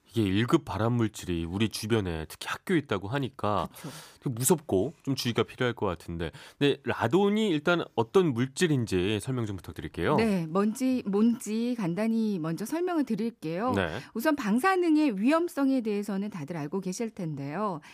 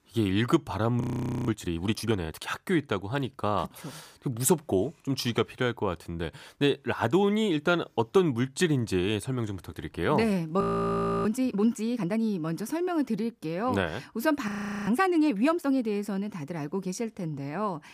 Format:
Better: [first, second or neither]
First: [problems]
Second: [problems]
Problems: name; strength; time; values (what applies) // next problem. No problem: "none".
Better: first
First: none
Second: audio freezing; at 1 s, at 11 s for 0.5 s and at 14 s